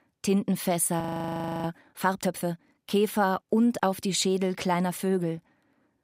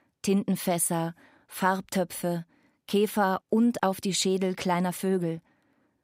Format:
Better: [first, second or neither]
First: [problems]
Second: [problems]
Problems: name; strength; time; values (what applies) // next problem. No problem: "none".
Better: second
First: audio freezing; at 1 s for 0.5 s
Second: none